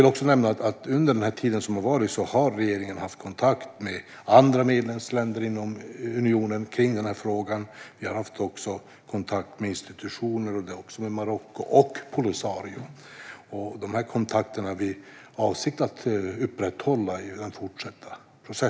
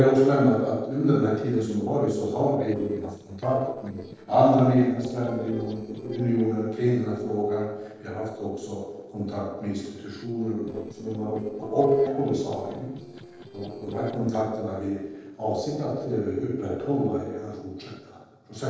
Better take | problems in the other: first | noise reduction (neural separator model SepFormer DNS4)

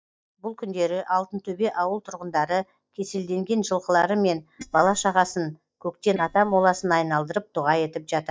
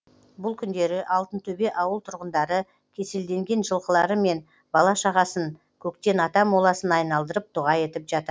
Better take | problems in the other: second | noise reduction (neural mask model DeepFilterNet 3)

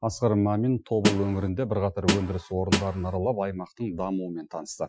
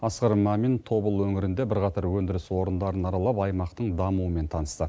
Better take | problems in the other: second | noise reduction (classical method Wiener filter)

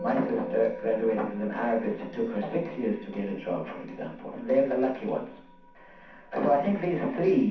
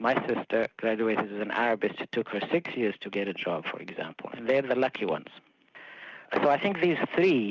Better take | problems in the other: second | background sound (Musical instrument); 15 dB below the speech // room echo; dies away in 0.6 s

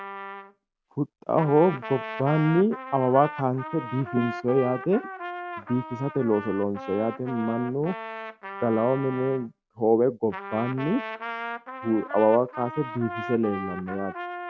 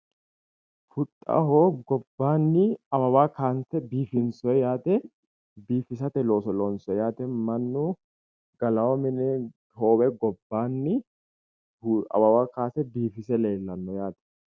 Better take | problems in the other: second | background sound (Trumpet); 11 dB below the speech

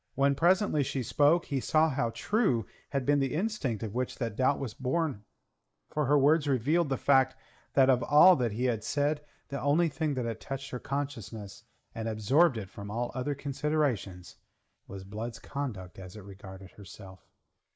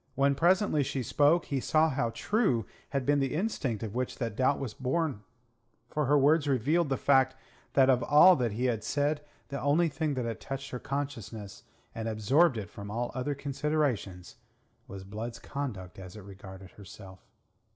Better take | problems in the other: second | noise reduction (neural mask model Resemble Enhance denoiser)

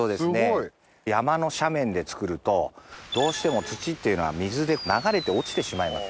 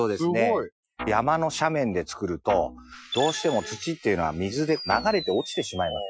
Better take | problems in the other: first | noise reduction (classical method Wiener filter)

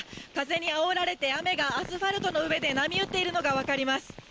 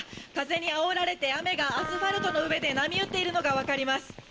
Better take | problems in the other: first | background sound (Wind instrument, woodwind instrument); 8 dB below the speech // room echo; dies away in 0.5 s

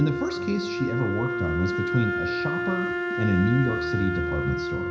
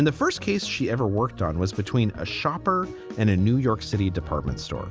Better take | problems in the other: second | background sound (Wind instrument, woodwind instrument); 1 dB below the speech // room echo; dies away in 0.5 s

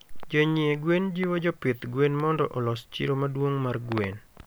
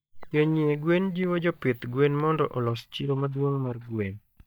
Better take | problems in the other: first | noise reduction (neural mask model DeepFilterNet 3)

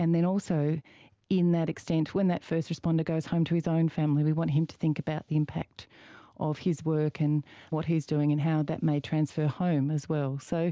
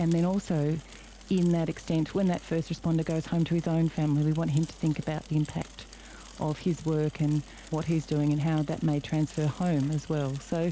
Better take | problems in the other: first | background sound (Mechanisms / Bicycle); 19 dB below the speech

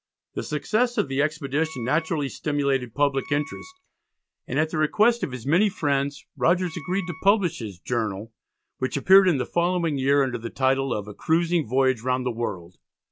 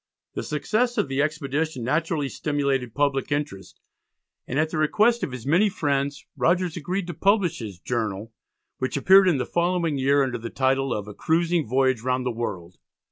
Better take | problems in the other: second | background sound (Wind instrument, woodwind instrument); 19 dB below the speech

